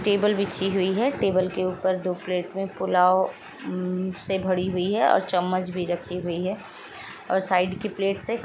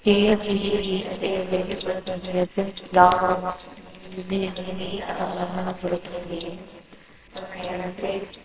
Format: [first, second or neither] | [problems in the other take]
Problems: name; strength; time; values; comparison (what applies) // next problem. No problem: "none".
first | noise reduction (neural separator model SepFormer WHAMR!)